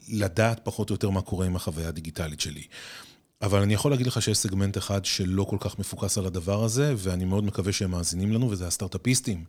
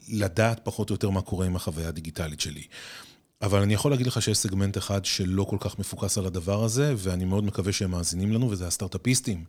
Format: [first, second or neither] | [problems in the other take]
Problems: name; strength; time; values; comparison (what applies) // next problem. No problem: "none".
neither | none